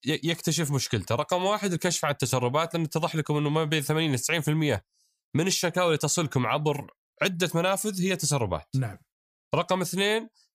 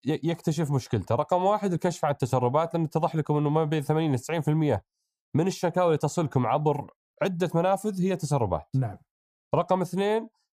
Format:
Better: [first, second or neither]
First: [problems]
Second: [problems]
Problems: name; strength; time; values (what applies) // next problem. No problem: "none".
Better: first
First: none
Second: muffled; slightly; fading above 1.5 kHz